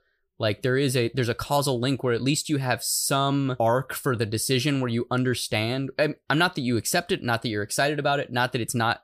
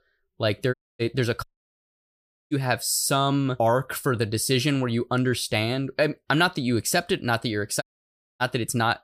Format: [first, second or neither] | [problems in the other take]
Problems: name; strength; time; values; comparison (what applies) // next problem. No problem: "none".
first | audio cutting out; at 0.5 s, at 1.5 s for 1 s and at 8 s for 0.5 s